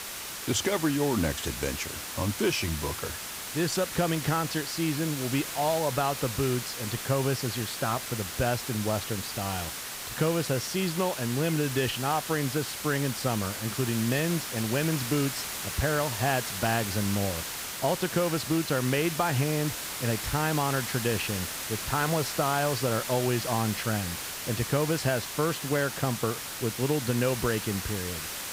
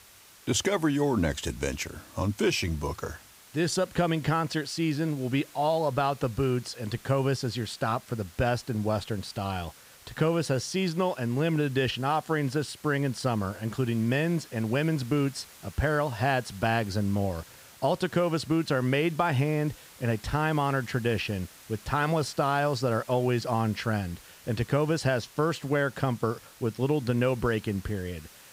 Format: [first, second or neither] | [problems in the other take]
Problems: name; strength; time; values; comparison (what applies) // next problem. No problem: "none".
second | hiss; loud; throughout; 4 dB below the speech; faint in the second